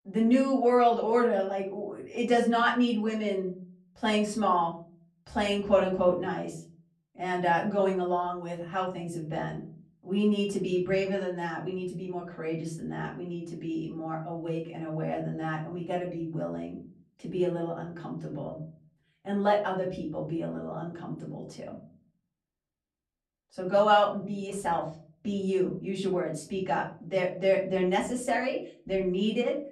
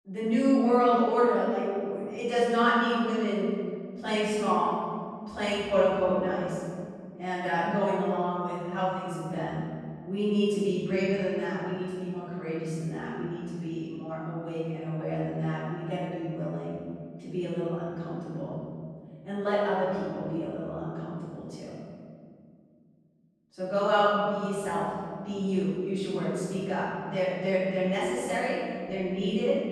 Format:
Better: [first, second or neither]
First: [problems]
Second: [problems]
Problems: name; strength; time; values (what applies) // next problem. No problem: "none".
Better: first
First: room echo; slight; dies away in 0.5 s // off-mic speech; far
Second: room echo; strong; dies away in 2.1 s // off-mic speech; far